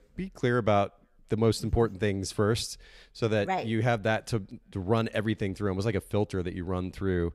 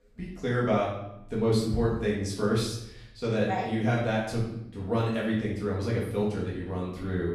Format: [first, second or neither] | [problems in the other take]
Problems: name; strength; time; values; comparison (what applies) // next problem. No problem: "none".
first | off-mic speech; far // room echo; noticeable; dies away in 0.7 s